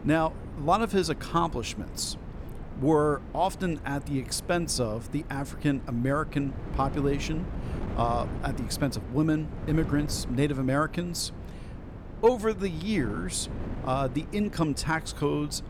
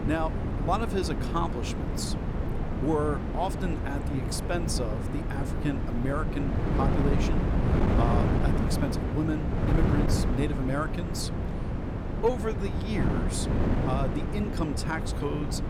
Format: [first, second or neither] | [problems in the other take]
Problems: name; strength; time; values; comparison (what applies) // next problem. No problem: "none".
first | wind noise on the microphone; heavy; 2 dB below the speech; occasional gusts in the first